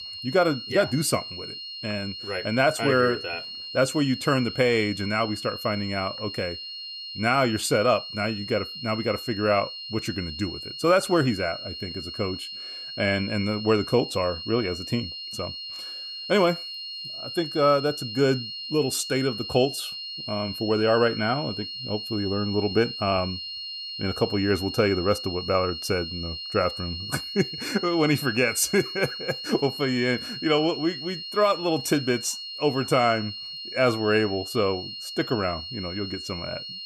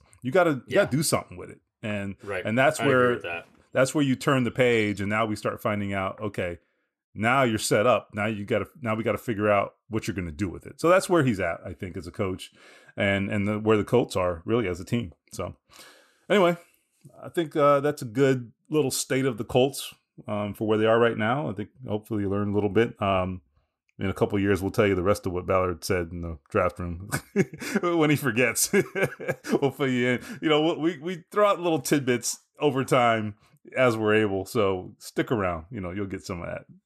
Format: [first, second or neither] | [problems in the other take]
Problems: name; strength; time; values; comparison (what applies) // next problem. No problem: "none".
second | high-pitched whine; loud; throughout; 4.5 kHz, 8 dB below the speech